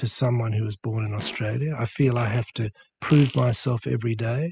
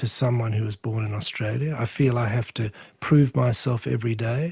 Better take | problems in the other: second | noise reduction (classical method spectral subtraction)

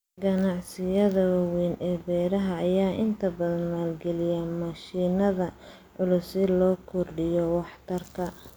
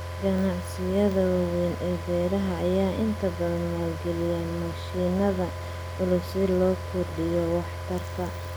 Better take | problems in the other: first | background sound (Car); 7 dB below the speech

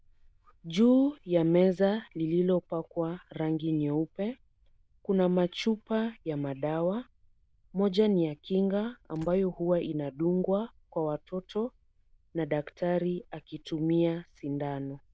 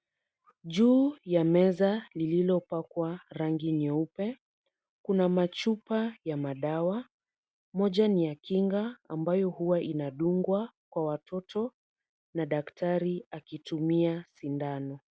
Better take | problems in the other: second | noise reduction (neural diffusion model UNIVERSE++)

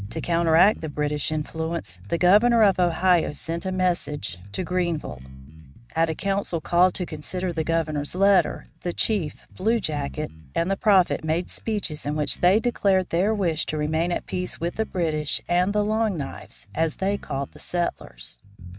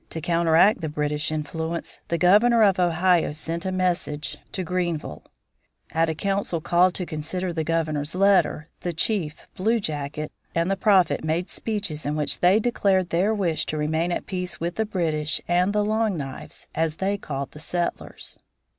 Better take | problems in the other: second | noise reduction (neural mask model RNNoise)

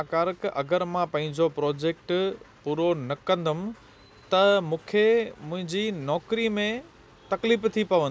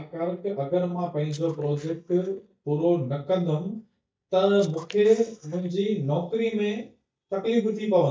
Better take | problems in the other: first | noise reduction (neural mask model DeepFilterNet 3)

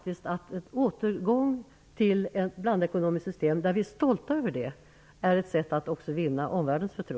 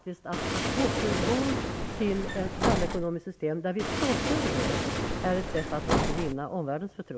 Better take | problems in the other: first | background sound (Bus + Waves, surf); 2 dB above the speech

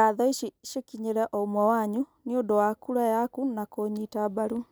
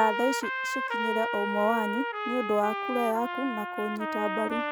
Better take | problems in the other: first | background sound (Trumpet); 2 dB below the speech

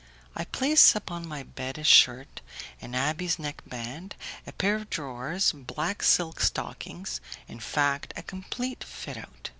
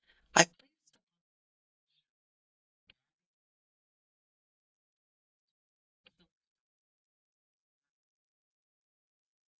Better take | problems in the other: first | noise reduction (neural mask model DeepFilterNet 3)

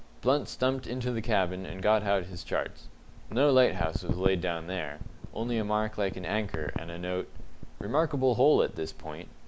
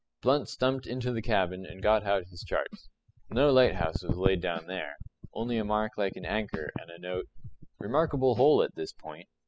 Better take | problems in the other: first | noise reduction (classical method spectral subtraction)

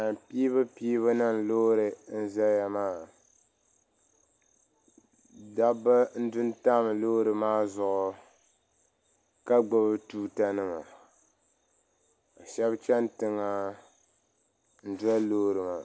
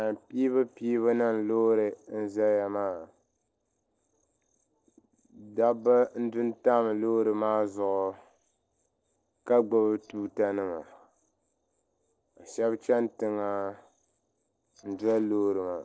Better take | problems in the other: first | noise reduction (neural separator model SepFormer DNS4)

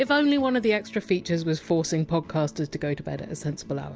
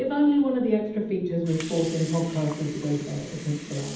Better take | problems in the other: first | background sound (Water); 18 dB below the speech // room echo; dies away in 0.8 s

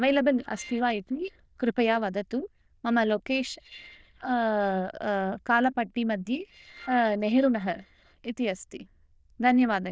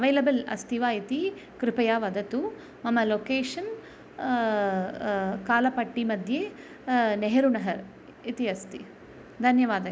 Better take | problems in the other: second | noise reduction (neural diffusion model UNIVERSE++)

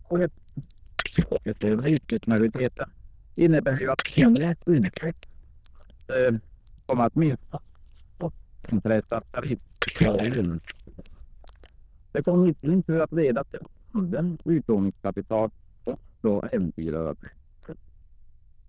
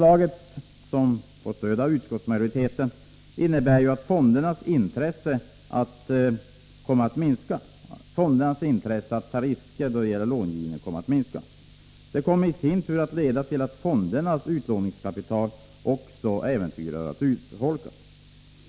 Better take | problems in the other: second | noise reduction (neural diffusion model UNIVERSE++)

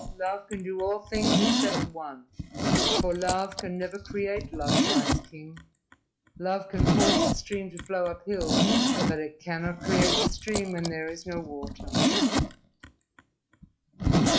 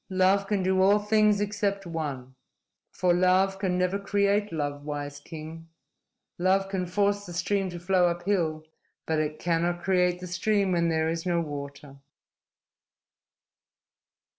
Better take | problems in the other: second | noise reduction (classical method log-MMSE)

